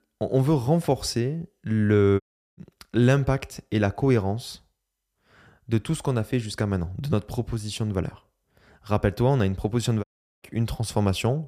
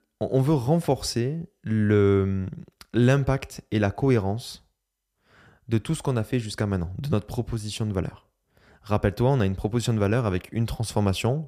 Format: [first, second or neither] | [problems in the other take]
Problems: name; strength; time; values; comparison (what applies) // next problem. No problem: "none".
second | audio cutting out; at 2 s and at 10 s